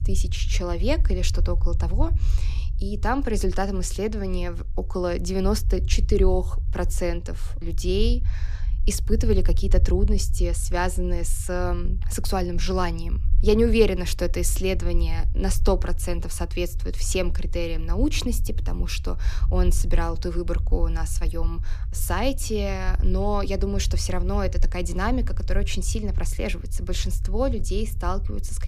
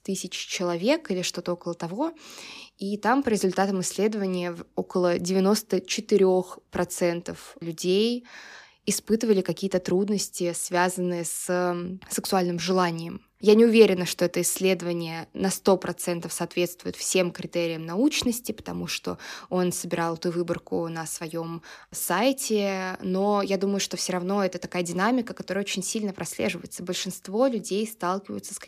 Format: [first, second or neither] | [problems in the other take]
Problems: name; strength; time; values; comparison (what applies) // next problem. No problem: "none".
second | low rumble; noticeable; throughout; 20 dB below the speech